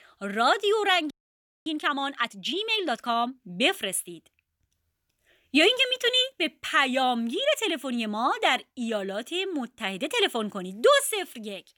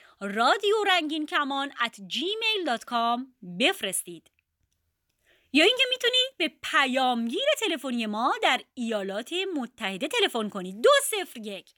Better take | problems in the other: second | audio freezing; at 1 s for 0.5 s

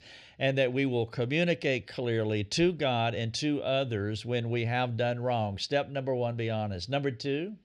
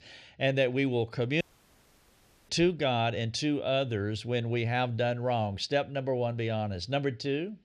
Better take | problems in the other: first | audio cutting out; at 1.5 s for 1 s

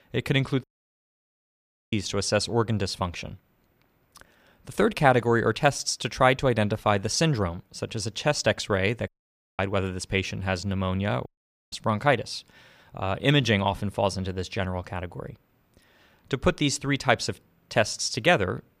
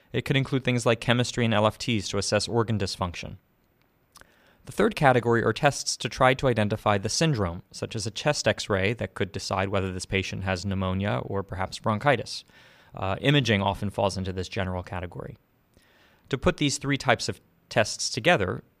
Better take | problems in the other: second | audio cutting out; at 0.5 s for 1.5 s, at 9 s for 0.5 s and at 11 s

